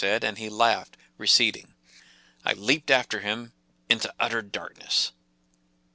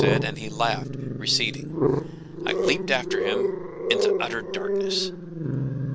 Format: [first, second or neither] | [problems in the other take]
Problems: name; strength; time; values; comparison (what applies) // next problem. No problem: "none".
first | background sound (Growling); 4 dB above the speech